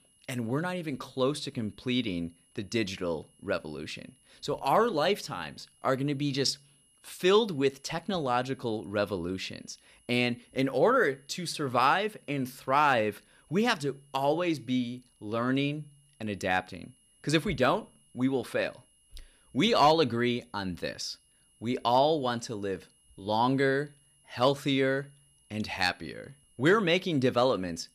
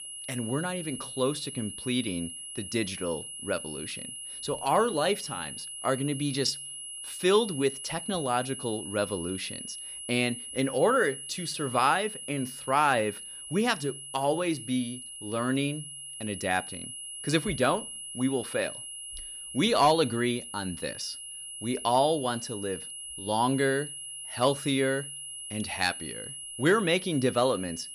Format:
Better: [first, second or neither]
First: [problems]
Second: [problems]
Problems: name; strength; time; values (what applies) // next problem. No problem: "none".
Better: first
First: high-pitched whine; faint; throughout; 10.5 kHz, 35 dB below the speech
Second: high-pitched whine; loud; throughout; 10.5 kHz, 9 dB below the speech